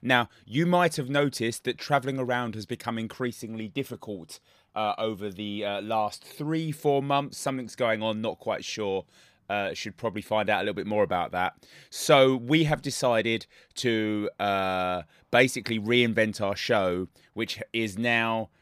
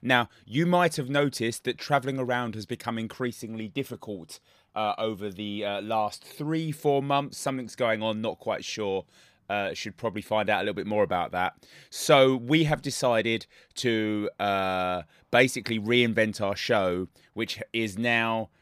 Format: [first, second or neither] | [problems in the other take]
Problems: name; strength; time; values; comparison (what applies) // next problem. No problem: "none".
neither | none